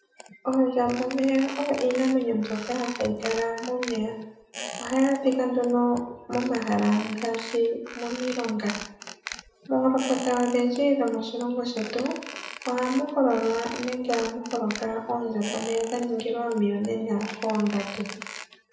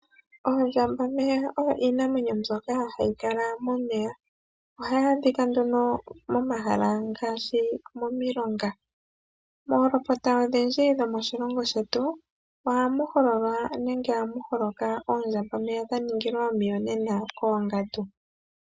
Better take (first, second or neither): second